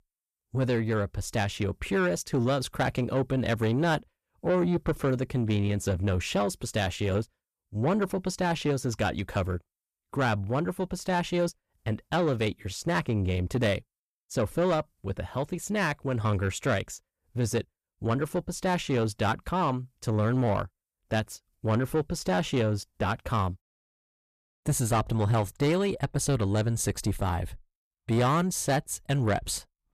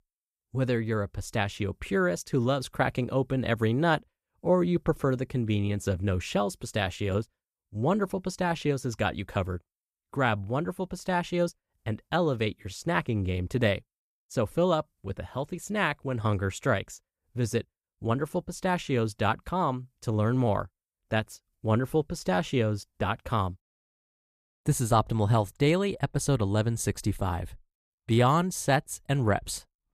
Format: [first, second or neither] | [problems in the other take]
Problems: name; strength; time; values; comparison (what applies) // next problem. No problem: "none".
second | distortion; slight; 10 dB below the speech